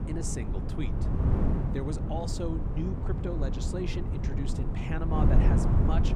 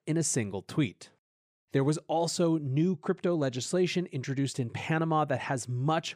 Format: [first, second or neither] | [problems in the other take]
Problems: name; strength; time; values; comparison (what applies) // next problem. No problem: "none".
second | wind noise on the microphone; heavy; as loud as the speech